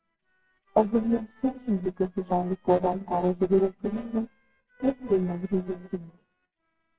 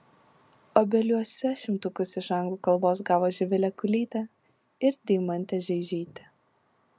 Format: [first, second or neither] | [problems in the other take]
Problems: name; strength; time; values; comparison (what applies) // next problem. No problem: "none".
second | noise reduction (neural separator model SepFormer WHAMR!)